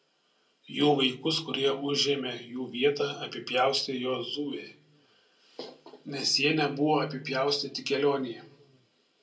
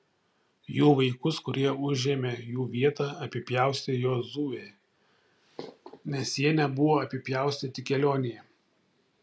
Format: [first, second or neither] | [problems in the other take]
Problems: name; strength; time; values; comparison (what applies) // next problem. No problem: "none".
second | room echo; dies away in 0.2 s